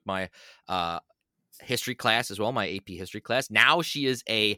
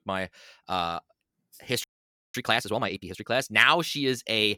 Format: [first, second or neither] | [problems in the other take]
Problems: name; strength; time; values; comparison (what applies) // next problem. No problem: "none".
first | audio freezing; at 2 s